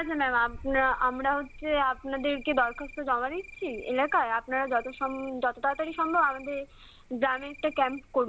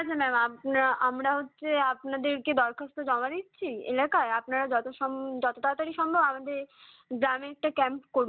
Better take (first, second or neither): second